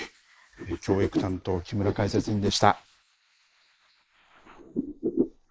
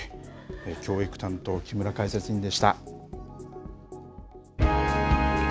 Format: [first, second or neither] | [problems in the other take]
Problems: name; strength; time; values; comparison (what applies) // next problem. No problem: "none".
second | noise reduction (neural mask model Resemble Enhance denoiser)